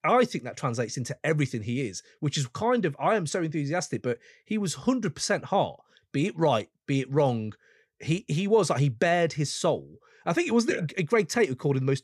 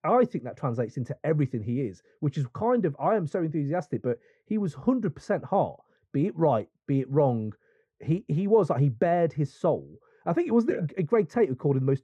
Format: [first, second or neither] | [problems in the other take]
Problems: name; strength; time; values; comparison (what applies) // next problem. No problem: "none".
first | muffled; very; fading above 2 kHz